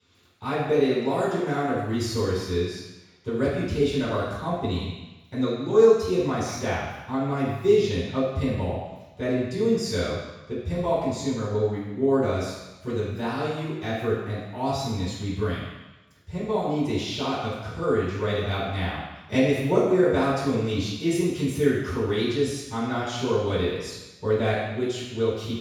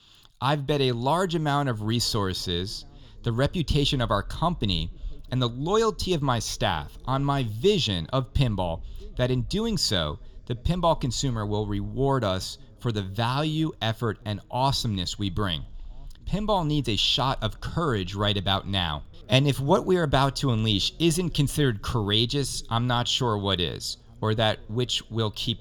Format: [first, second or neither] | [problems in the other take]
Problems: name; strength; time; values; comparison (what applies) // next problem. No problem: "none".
second | room echo; strong; dies away in 1.1 s; slight in the second // off-mic speech; far